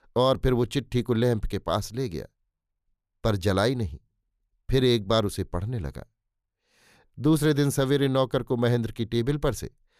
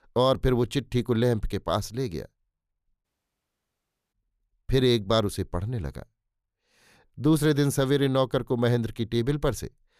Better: first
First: none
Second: audio cutting out; at 3 s for 1 s

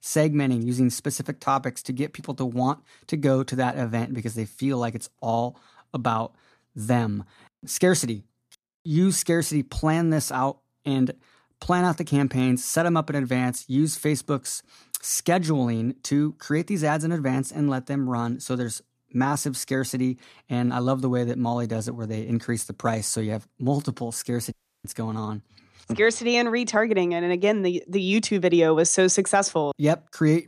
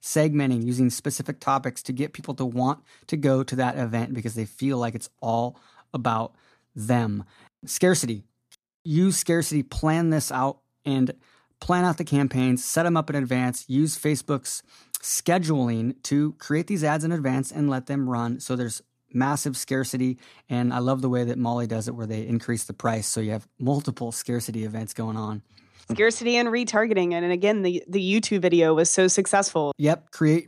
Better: second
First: audio cutting out; at 25 s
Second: none

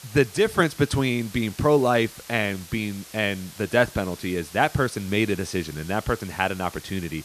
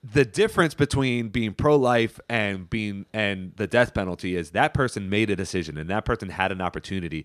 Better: second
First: hiss; noticeable; throughout; 20 dB below the speech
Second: none

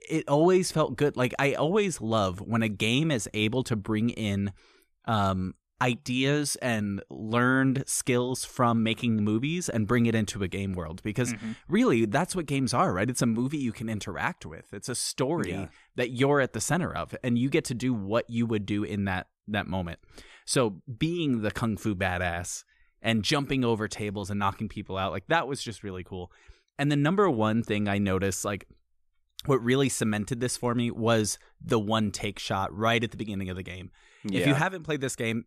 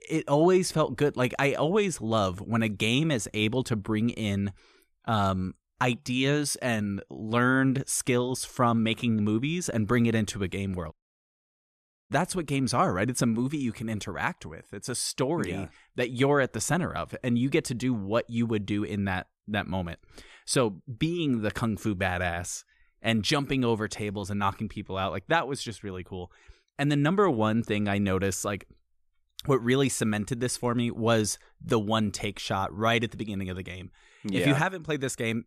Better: first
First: none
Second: audio cutting out; at 11 s for 1 s

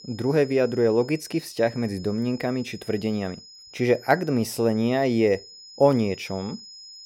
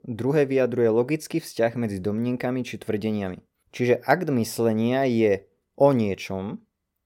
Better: second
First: high-pitched whine; noticeable; throughout; 5 kHz, 20 dB below the speech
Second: none

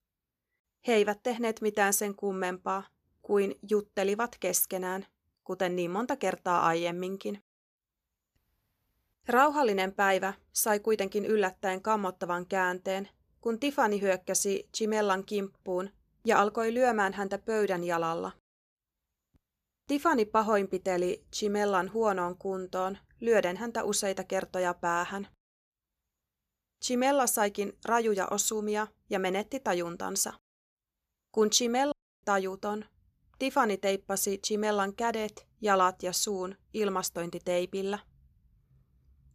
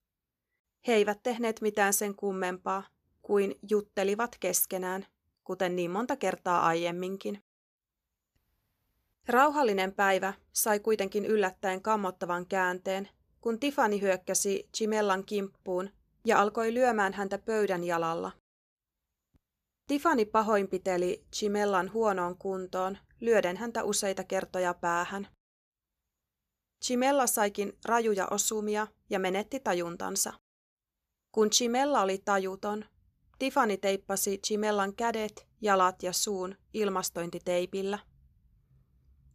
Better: second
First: audio cutting out; at 32 s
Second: none

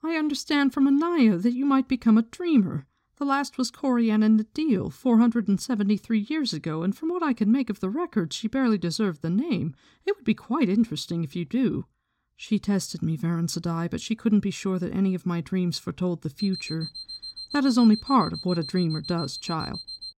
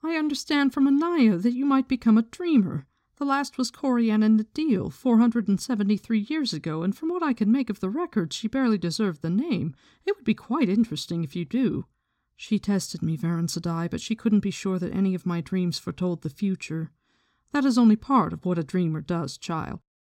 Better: second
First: alarm; faint; from 16 s on; peak 10 dB below the speech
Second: none

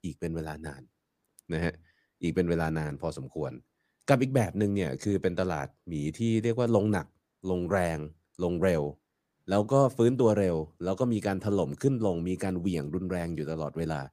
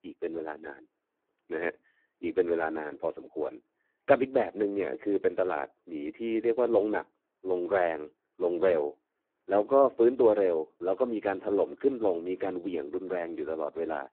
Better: first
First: none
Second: phone-call audio; poor line

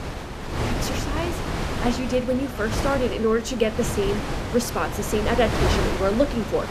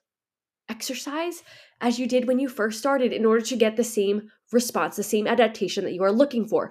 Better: second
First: wind noise on the microphone; heavy; 4 dB below the speech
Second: none

